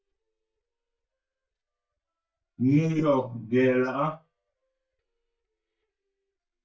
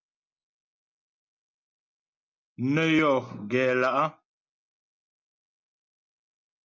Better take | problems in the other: second | noise reduction (neural mask model DeepFilterNet 3)

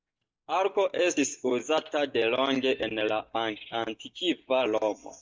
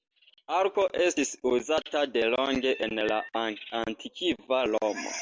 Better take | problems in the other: second | noise reduction (neural mask model DeepFilterNet 3)

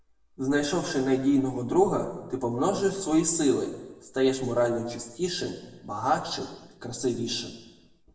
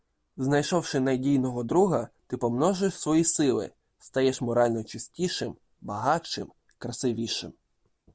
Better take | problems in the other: second | room echo; dies away in 0.9 s

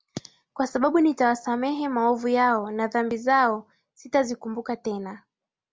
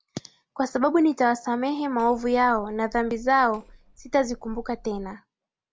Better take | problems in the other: first | background sound (Hammer); 20 dB below the speech

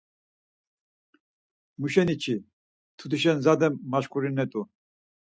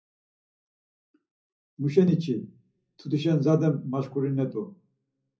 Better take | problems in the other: first | room echo; dies away in 0.4 s

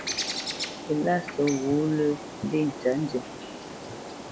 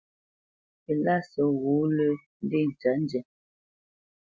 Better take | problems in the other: second | background sound (Bird); 8 dB below the speech

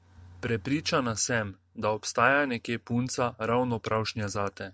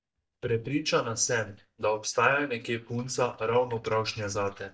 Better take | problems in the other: first | noise reduction (neural mask model DeepFilterNet 3)

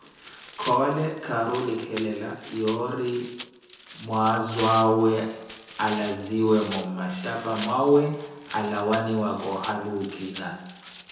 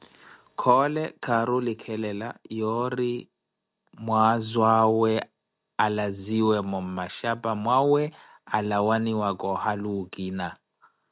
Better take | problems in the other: second | background sound (Tearing); 16 dB below the speech // room echo; dies away in 0.9 s

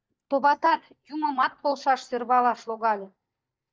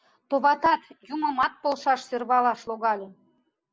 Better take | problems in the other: second | noise reduction (neural mask model DeepFilterNet 3)

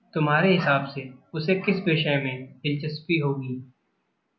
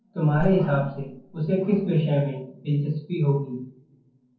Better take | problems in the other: first | noise reduction (neural separator model SepFormer DNS4)

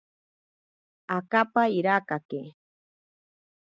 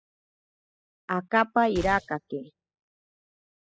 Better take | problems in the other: first | noise reduction (classical method spectral subtraction)

